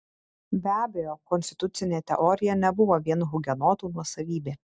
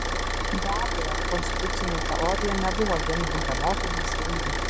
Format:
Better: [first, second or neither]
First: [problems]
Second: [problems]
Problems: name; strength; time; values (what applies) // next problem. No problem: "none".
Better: first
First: none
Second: background sound (Idling / Car); 4 dB above the speech